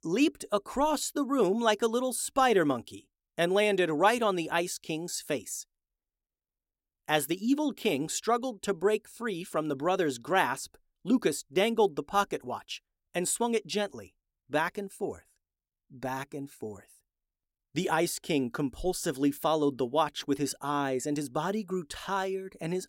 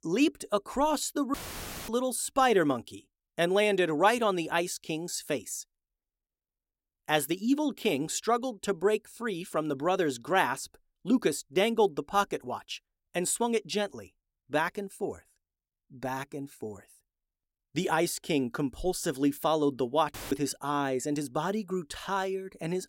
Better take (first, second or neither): first